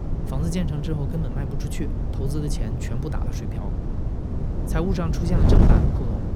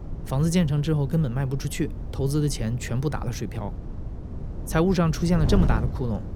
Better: second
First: wind noise on the microphone; heavy; as loud as the speech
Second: wind noise on the microphone; occasional gusts; 15 dB below the speech

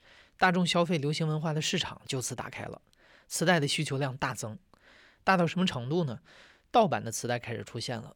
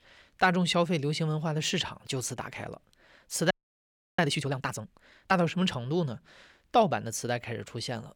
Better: first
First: none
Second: audio freezing; at 3.5 s for 0.5 s

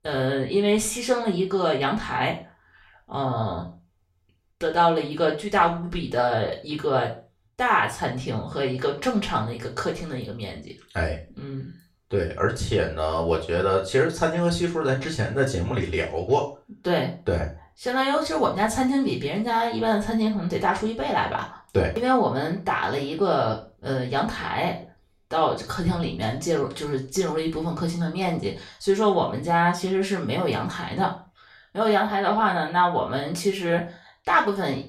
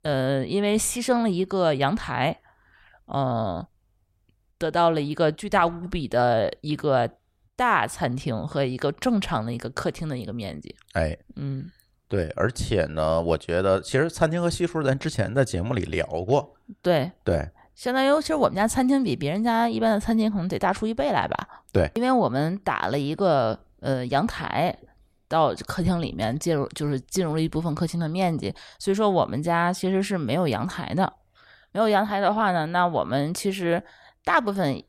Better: second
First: room echo; slight; dies away in 0.3 s // off-mic speech; far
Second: none

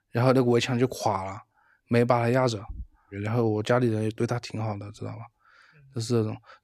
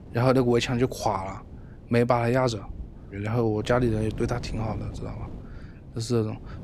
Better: first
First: none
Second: wind noise on the microphone; occasional gusts; 20 dB below the speech

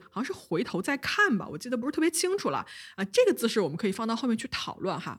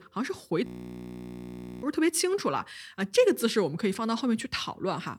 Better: first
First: none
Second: audio freezing; at 0.5 s for 1 s

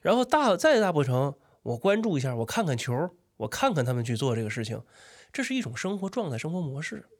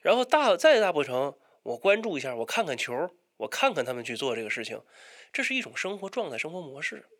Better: first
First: none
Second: thin; somewhat; fading below 350 Hz

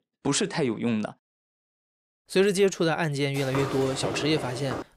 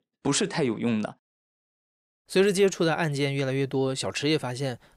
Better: second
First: footsteps; noticeable; from 3.5 s on; peak 5 dB below the speech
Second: none

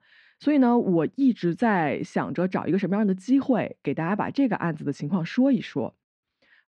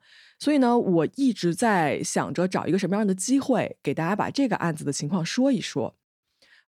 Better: second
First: muffled; slightly; fading above 2.5 kHz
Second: none

